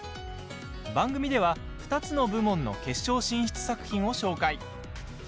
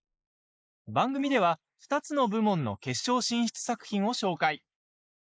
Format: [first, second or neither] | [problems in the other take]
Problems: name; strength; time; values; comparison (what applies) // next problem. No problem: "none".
first | noise reduction (neural mask model Resemble Enhance denoiser)